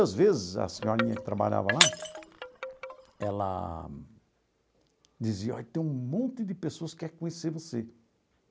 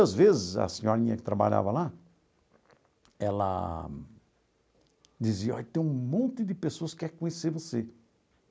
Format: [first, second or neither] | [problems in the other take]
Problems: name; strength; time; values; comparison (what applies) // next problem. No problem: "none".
second | background sound (Wind chime + Shatter); 1 dB below the speech